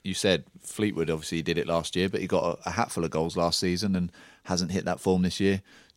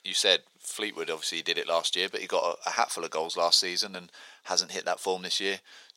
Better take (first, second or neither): first